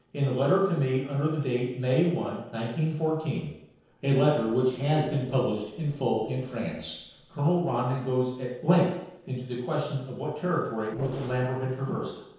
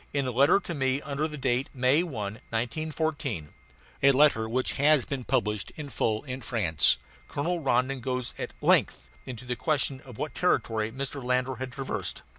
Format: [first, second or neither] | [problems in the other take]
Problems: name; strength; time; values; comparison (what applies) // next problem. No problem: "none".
second | noise reduction (neural separator model SepFormer DNS4)